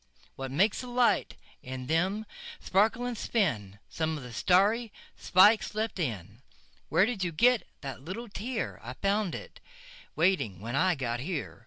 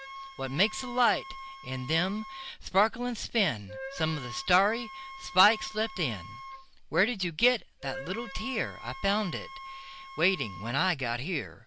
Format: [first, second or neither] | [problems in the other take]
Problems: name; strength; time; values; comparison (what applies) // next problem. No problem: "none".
first | background sound (Wind instrument, woodwind instrument); 14 dB below the speech